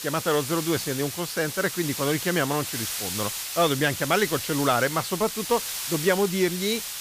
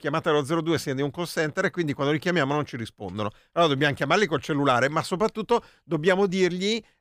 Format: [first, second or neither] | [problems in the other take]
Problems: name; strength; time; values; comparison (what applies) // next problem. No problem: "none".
second | hiss; loud; throughout; 5 dB below the speech